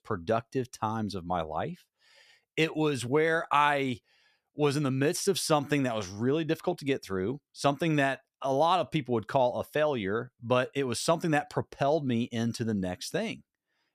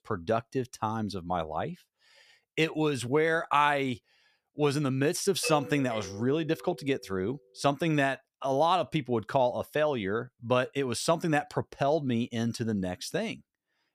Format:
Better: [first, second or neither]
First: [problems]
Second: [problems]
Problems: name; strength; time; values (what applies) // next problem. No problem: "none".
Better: first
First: none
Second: doorbell; noticeable; from 5.5 to 7 s; peak 6 dB below the speech